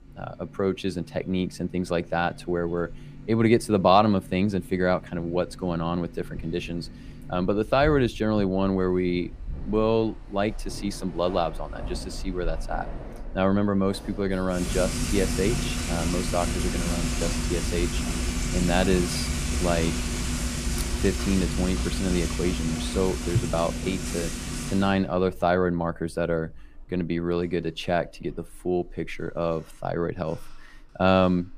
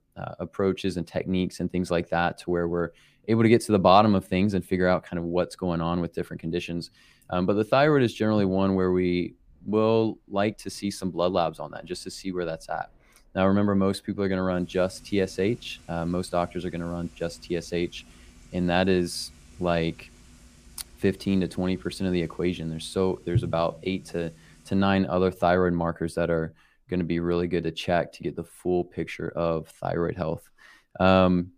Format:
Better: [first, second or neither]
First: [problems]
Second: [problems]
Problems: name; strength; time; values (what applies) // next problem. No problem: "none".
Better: second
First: household noises; loud; throughout; 4 dB below the speech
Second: household noises; faint; throughout; 30 dB below the speech